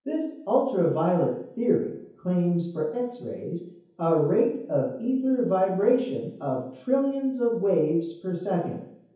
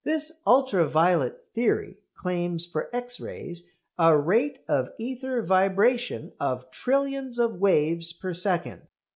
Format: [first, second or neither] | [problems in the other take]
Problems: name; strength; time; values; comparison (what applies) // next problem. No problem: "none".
second | room echo; dies away in 0.7 s